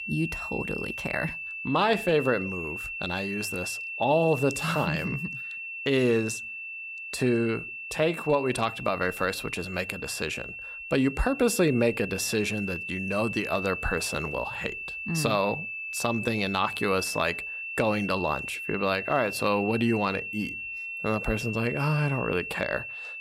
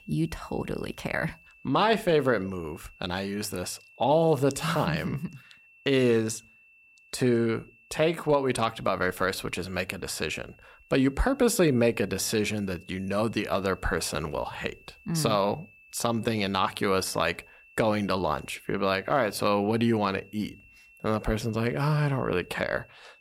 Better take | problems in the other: second | high-pitched whine; loud; throughout; 2.5 kHz, 6 dB below the speech; faint in the second

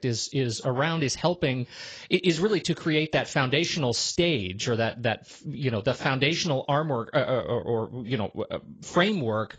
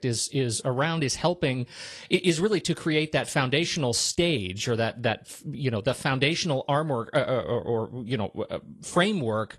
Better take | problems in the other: second | garbled, watery; badly; nothing above 7.5 kHz; slightly in the second

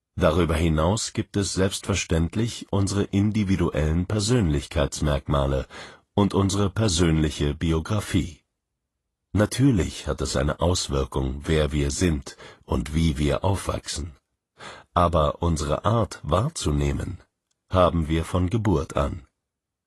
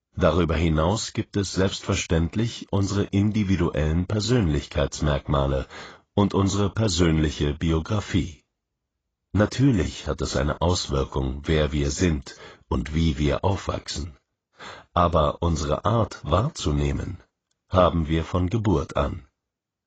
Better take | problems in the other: first | garbled, watery; badly; nothing above 7.5 kHz; slightly in the first

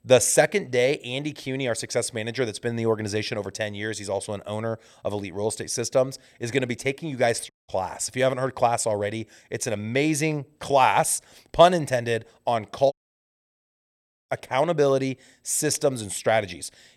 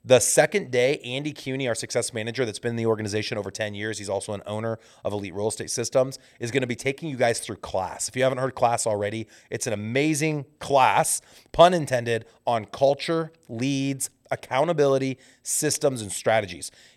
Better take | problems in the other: second | audio cutting out; at 7.5 s and at 13 s for 1.5 s

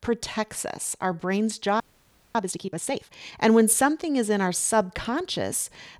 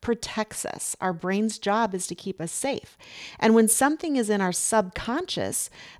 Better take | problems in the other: second | audio freezing; at 2 s for 0.5 s

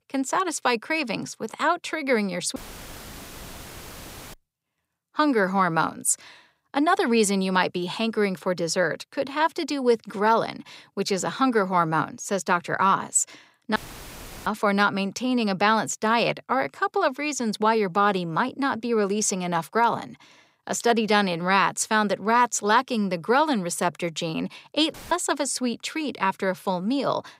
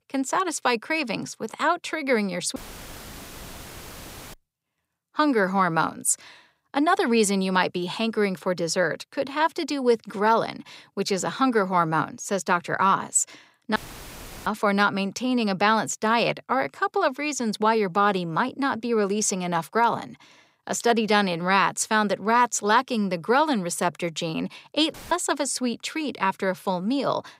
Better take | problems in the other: neither | audio cutting out; filled with static; at 2.5 s for 2 s, at 14 s for 0.5 s and at 25 s; the same in both

